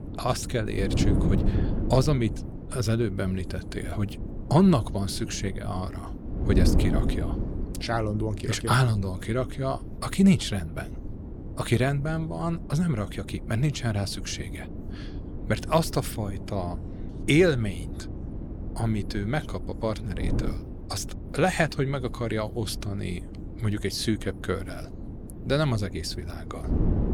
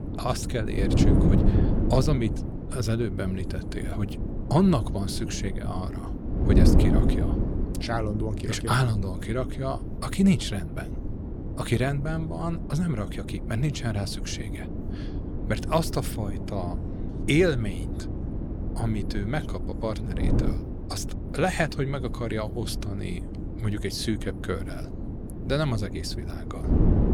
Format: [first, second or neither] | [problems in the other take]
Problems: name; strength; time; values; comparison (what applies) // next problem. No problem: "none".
first | wind noise on the microphone; heavy; 6 dB below the speech; occasional gusts in the first